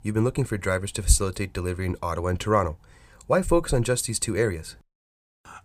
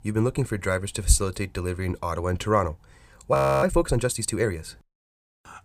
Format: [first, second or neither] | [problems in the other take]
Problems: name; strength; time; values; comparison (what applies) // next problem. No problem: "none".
first | audio freezing; at 3.5 s